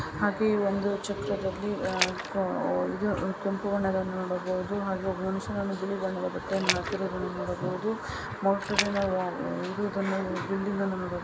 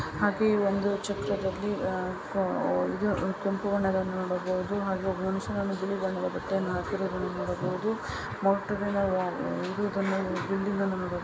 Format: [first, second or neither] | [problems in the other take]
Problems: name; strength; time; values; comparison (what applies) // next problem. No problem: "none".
second | background sound (Splash, splatter); 4 dB below the speech